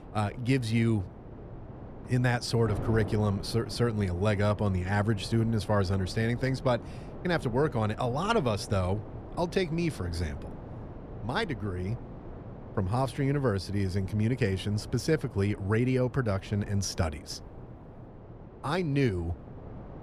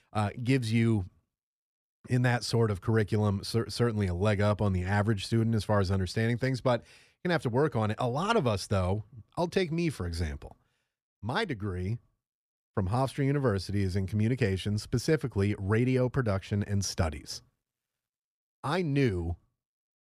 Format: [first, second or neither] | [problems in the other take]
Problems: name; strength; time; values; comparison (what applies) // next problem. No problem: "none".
second | wind noise on the microphone; occasional gusts; 15 dB below the speech